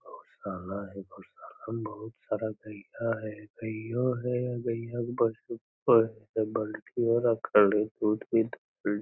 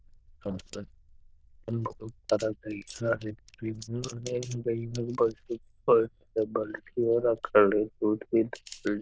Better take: first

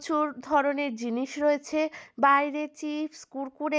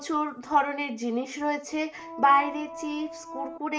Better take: first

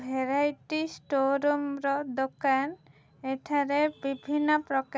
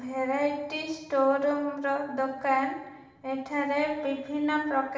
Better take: first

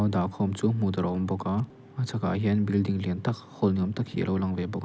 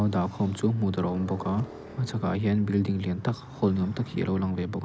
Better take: first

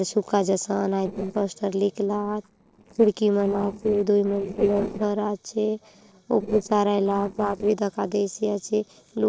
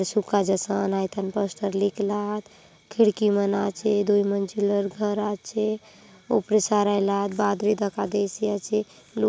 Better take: second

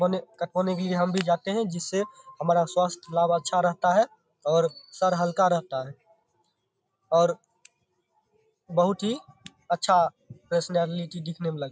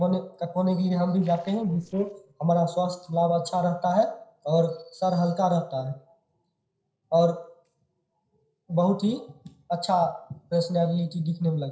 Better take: first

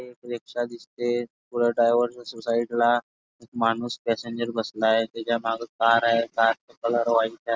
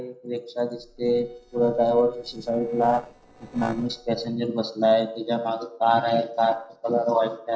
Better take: first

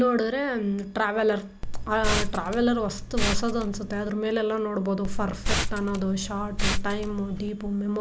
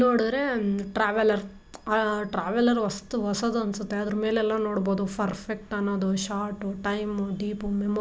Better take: second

